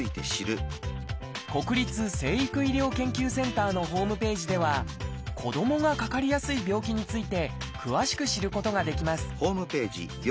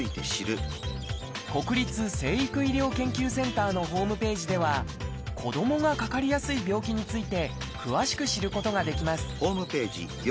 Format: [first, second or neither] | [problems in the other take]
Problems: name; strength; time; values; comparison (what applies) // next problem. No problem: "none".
first | background sound (Squeak); 17 dB below the speech